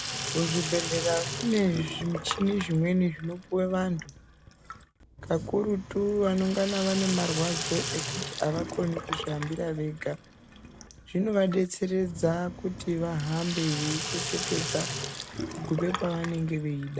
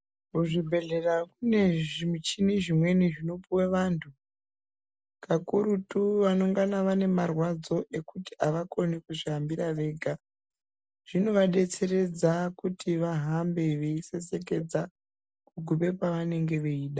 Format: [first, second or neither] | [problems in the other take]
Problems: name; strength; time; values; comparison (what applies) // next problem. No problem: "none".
second | background sound (Sink (filling or washing)); 7 dB below the speech